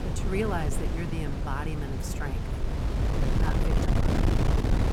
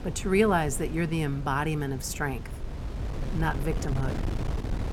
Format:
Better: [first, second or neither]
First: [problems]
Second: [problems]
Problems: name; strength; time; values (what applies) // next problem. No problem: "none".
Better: second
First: wind noise on the microphone; heavy; 1 dB above the speech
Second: wind noise on the microphone; occasional gusts; 15 dB below the speech